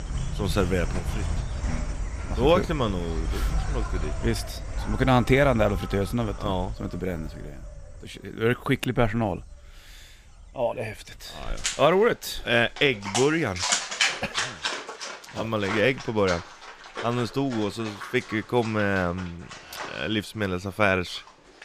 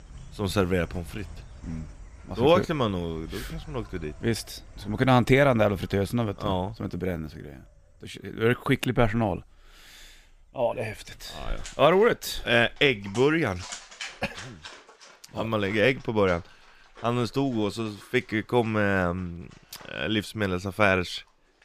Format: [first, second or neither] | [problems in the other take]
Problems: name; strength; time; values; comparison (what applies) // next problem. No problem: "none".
second | animal sounds; loud; throughout; 6 dB below the speech; faint in the second